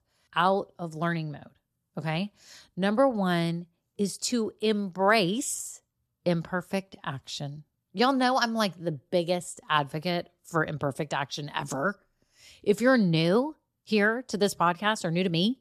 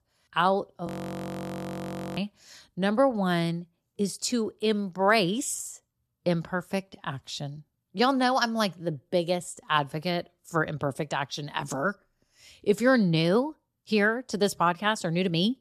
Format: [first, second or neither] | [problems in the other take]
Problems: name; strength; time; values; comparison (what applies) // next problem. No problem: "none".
first | audio freezing; at 1 s for 1.5 s